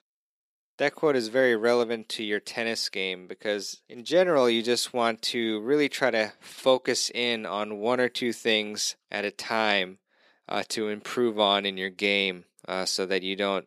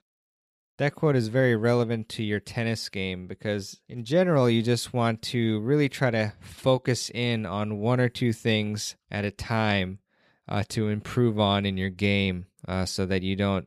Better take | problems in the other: second | thin; somewhat; fading below 300 Hz

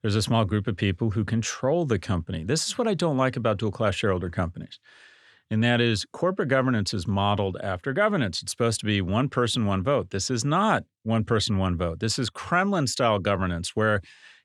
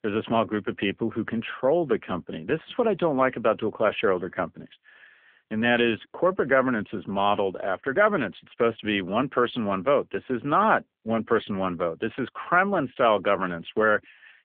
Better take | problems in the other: first | phone-call audio; poor line; nothing above 3.5 kHz

